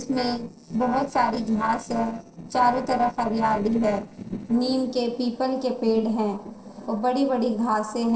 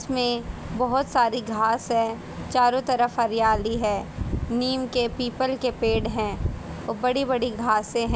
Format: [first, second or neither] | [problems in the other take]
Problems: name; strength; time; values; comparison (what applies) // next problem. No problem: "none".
second | noise reduction (neural separator model SepFormer DNS4)